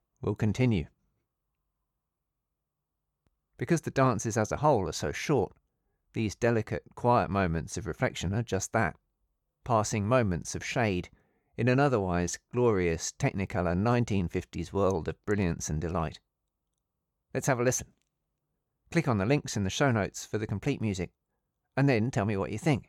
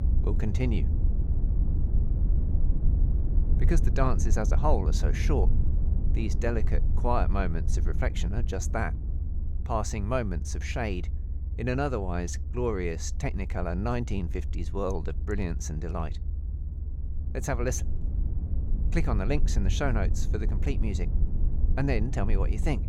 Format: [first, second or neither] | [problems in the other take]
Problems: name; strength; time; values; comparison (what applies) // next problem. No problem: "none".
first | low rumble; noticeable; throughout; 15 dB below the speech